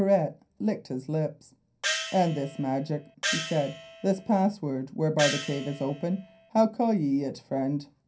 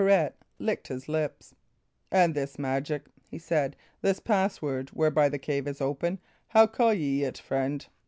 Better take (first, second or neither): second